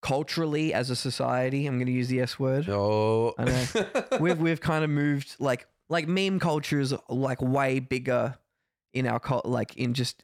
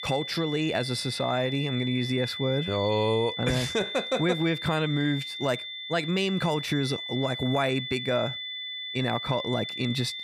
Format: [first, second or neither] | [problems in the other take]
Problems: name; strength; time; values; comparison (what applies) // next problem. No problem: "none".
first | high-pitched whine; loud; throughout; 3.5 kHz, 6 dB below the speech